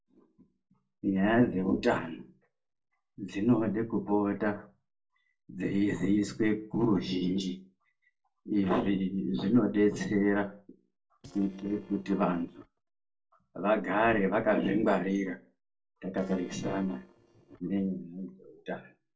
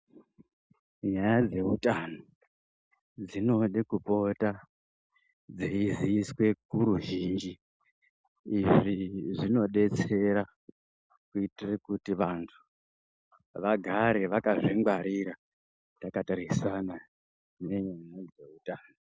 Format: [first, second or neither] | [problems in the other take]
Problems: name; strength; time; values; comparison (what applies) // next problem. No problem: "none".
second | noise reduction (neural separator model SepFormer DNS4)